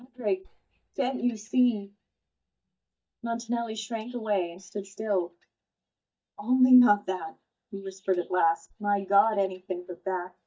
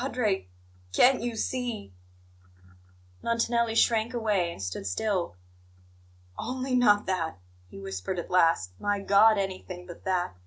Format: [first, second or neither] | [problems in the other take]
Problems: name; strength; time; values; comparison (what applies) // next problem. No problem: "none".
second | noise reduction (neural mask model DeepFilterNet 3)